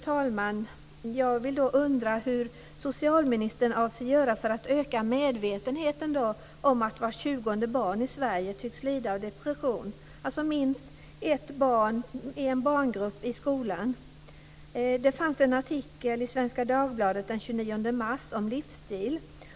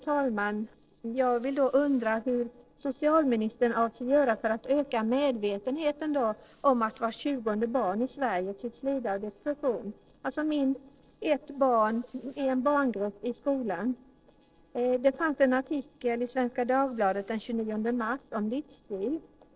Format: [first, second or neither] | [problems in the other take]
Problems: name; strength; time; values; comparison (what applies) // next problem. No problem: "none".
first | noise reduction (neural separator model SepFormer DNS4)